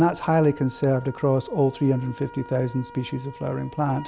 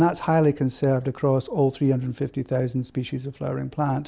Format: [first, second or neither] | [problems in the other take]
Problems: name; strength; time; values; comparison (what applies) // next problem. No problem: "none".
second | background sound (Wind instrument, woodwind instrument); 19 dB below the speech